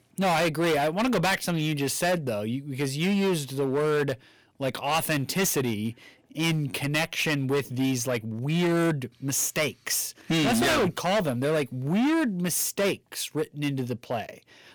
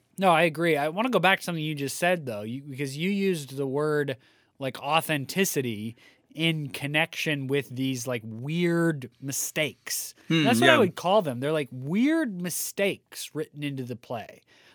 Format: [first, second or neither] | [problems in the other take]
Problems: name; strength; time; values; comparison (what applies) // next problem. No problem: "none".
second | distortion; heavy; 15% of the sound clipped